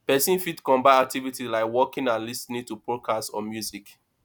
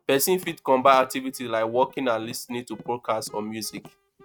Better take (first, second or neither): first